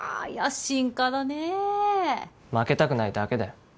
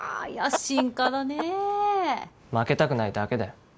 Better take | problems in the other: first | background sound (Chicken, rooster); 7 dB below the speech

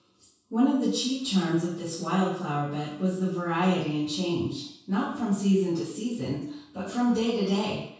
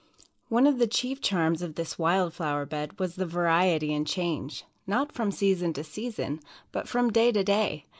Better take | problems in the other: second | room echo; dies away in 0.6 s

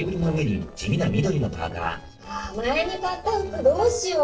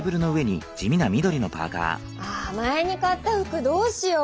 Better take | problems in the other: second | noise reduction (neural separator model SepFormer DNS4)

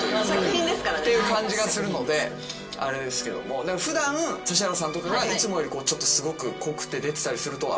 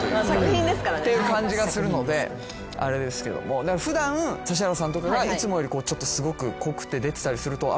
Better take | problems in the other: second | room echo; dies away in 0.2 s

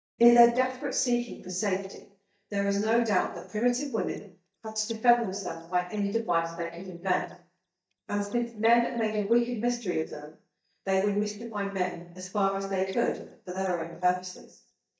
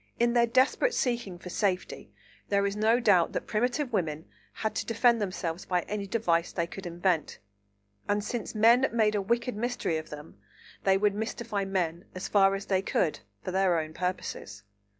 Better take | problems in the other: second | noise reduction (neural mask model DeepFilterNet 3)

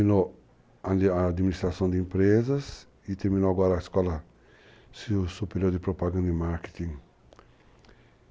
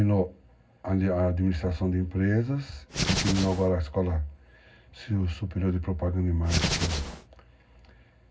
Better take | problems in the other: first | background sound (Hands); 2 dB below the speech // room echo; dies away in 0.4 s

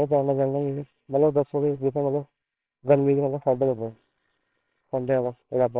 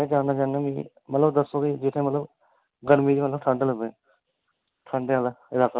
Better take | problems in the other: second | noise reduction (neural separator model SepFormer WHAMR!)

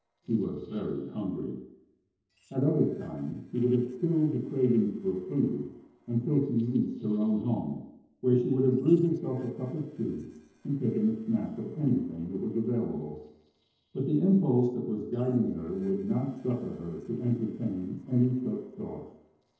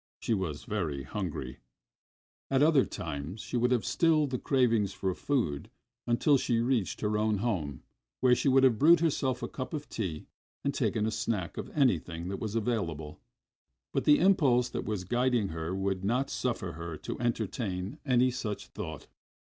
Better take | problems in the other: second | noise reduction (neural separator model SepFormer DNS4)

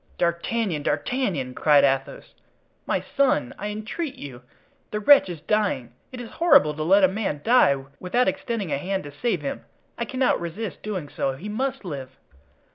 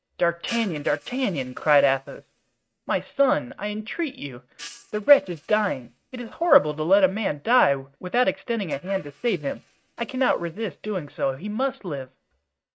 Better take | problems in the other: first | noise reduction (neural mask model RNNoise)

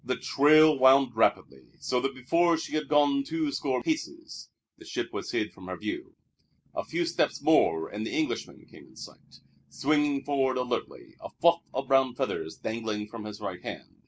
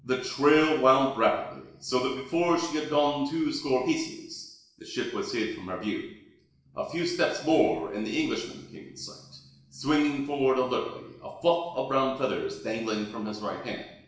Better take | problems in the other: first | room echo; dies away in 0.7 s

